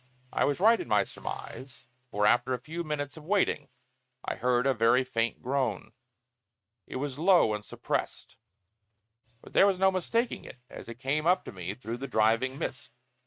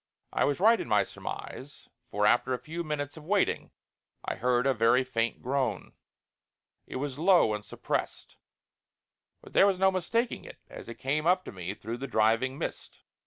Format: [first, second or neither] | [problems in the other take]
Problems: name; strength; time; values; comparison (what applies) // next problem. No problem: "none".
second | noise reduction (neural mask model RNNoise)